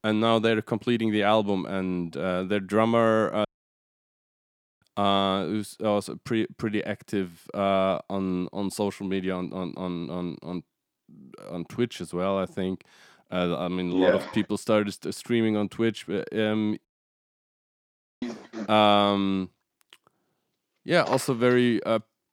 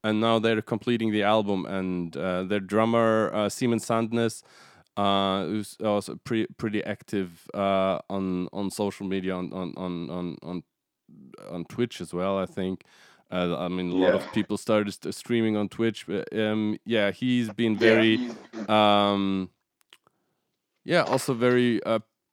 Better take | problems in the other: second | audio cutting out; at 3.5 s for 1.5 s and at 17 s for 1.5 s

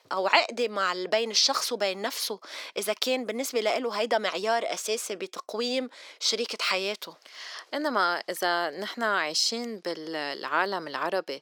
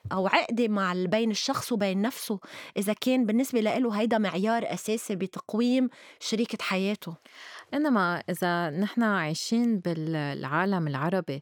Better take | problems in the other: second | thin; somewhat; fading below 400 Hz

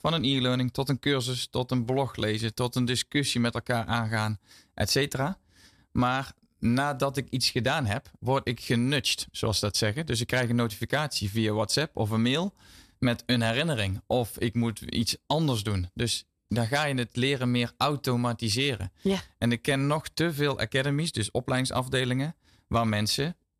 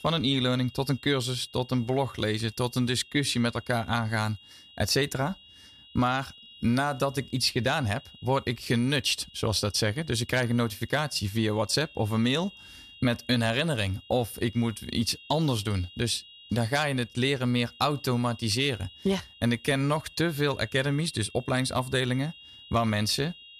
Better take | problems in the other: first | high-pitched whine; faint; throughout; 3 kHz, 20 dB below the speech

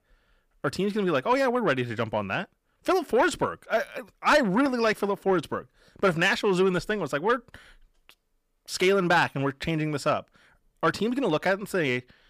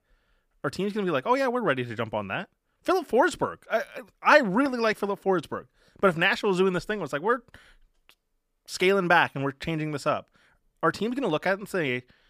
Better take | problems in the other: second | distortion; slight; 10 dB below the speech

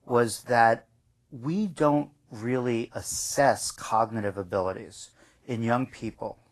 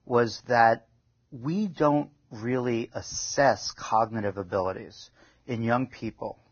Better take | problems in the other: first | garbled, watery; badly; nothing above 6.5 kHz; slightly in the first

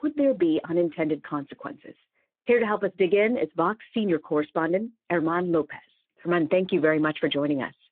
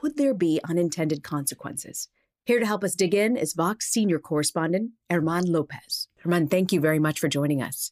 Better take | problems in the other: second | phone-call audio; nothing above 3 kHz

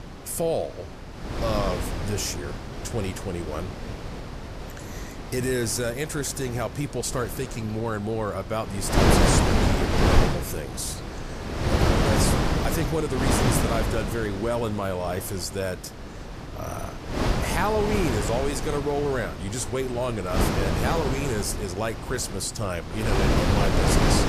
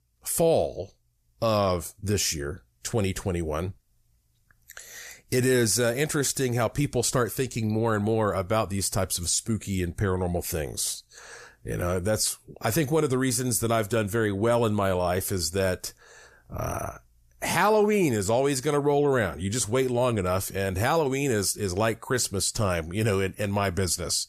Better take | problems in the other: second | wind noise on the microphone; heavy; as loud as the speech

